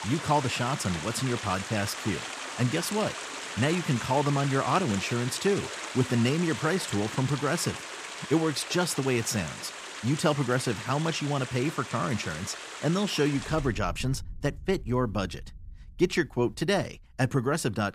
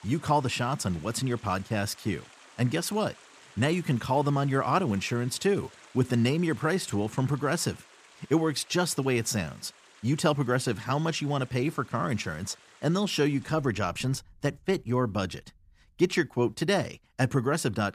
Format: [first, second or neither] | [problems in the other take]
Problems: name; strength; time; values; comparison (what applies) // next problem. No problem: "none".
second | rain or running water; loud; throughout; 8 dB below the speech; faint in the second